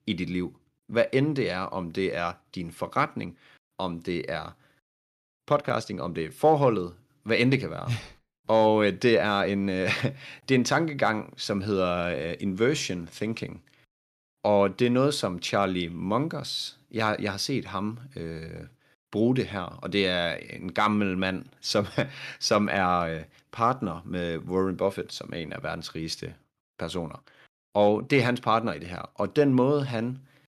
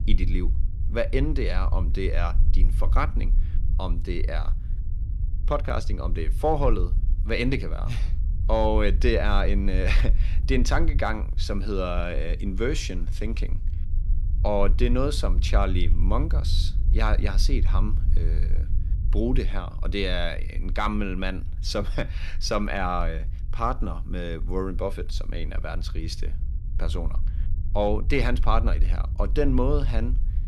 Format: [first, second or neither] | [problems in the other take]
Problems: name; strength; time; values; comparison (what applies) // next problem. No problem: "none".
first | low rumble; noticeable; throughout; 20 dB below the speech